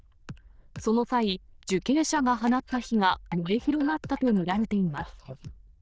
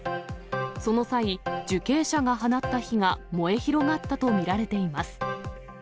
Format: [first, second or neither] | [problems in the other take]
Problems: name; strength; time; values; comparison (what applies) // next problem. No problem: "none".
second | noise reduction (neural diffusion model UNIVERSE++)